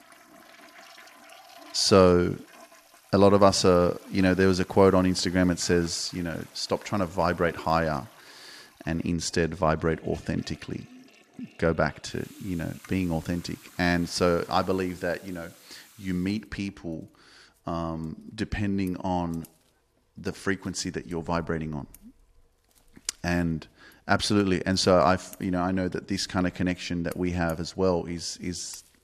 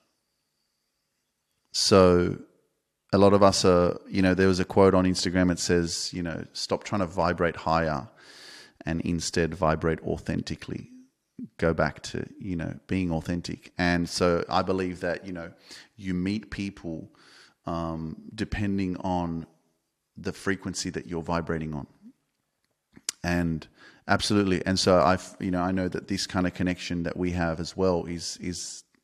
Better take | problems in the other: second | household noises; faint; throughout; 25 dB below the speech

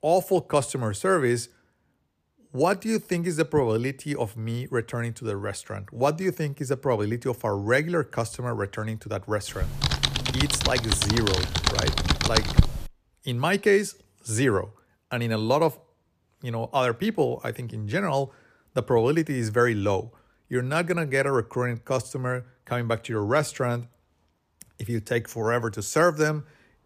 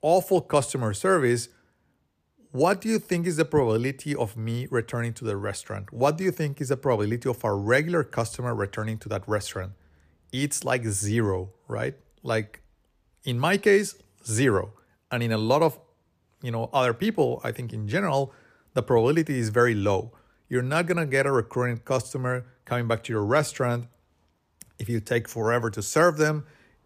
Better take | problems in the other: second | keyboard typing; loud; from 9.5 to 13 s; peak 5 dB above the speech

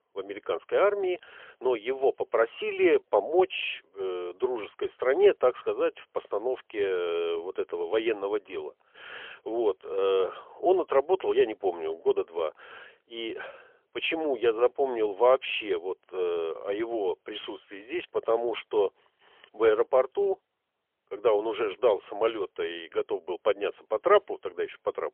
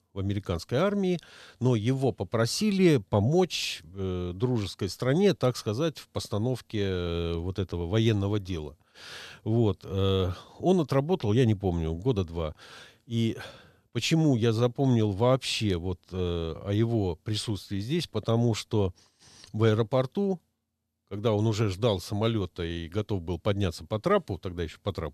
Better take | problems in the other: second | phone-call audio; poor line; nothing above 3.5 kHz

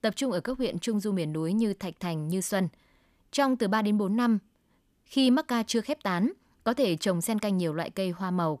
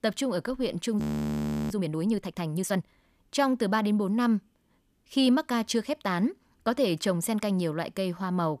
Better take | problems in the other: first | audio freezing; at 1 s for 0.5 s

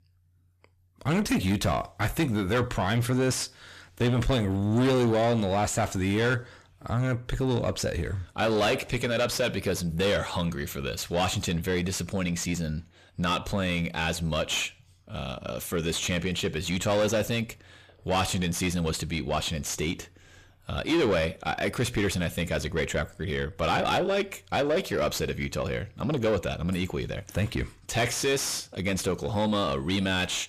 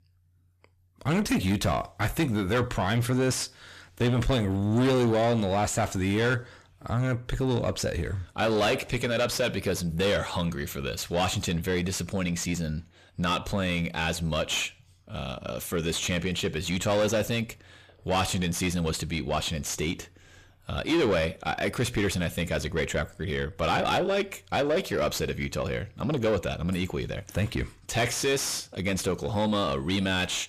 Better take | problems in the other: neither | distortion; heavy; 7 dB below the speech; the same in both

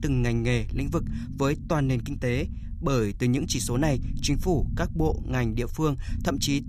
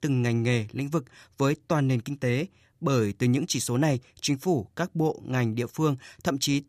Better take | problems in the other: second | low rumble; noticeable; throughout; 15 dB below the speech

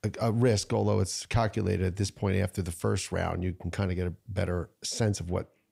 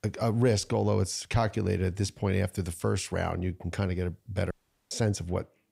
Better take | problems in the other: first | audio cutting out; at 4.5 s

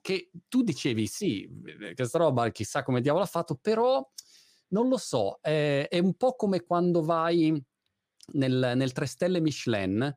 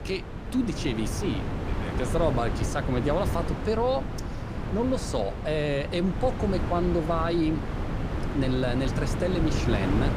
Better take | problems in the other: first | wind noise on the microphone; heavy; 6 dB below the speech

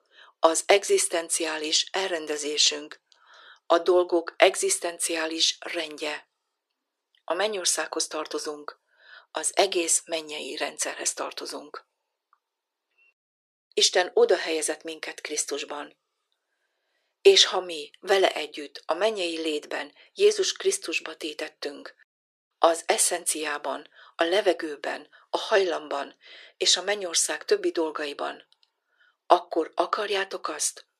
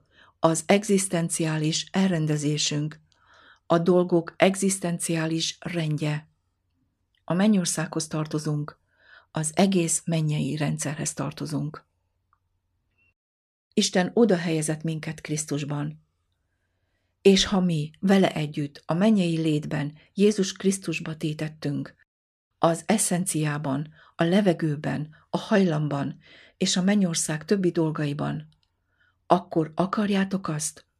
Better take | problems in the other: second | thin; very; fading below 350 Hz

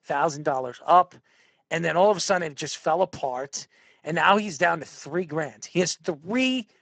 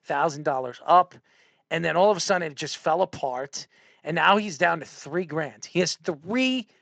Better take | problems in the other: second | garbled, watery; badly; nothing above 7.5 kHz; slightly in the second

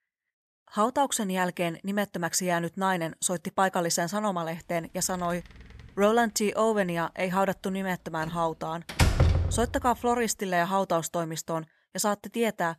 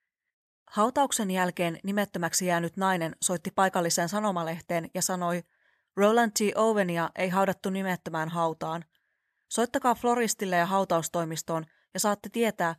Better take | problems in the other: second | door banging; loud; at 9 s; peak 5 dB above the speech

